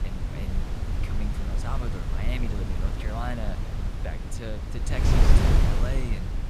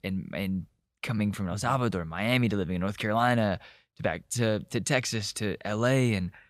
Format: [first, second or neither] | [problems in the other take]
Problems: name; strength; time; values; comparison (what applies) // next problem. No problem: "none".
second | wind noise on the microphone; heavy; 2 dB above the speech